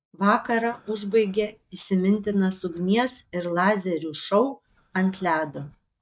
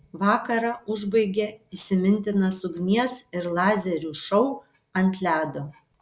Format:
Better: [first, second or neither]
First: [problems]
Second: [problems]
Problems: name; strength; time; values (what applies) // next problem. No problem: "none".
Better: second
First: noise reduction (neural mask model DeepFilterNet 3)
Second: none